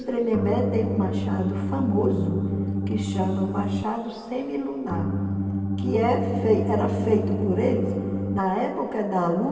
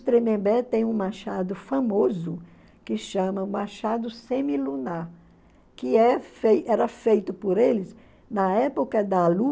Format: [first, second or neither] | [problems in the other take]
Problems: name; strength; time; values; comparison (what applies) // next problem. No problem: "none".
second | background sound (Organ); as loud as the speech // room echo; dies away in 2.6 s